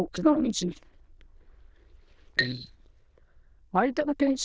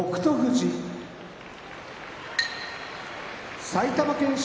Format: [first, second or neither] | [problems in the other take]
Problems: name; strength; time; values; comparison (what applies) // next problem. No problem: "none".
second | noise reduction (neural diffusion model UNIVERSE++)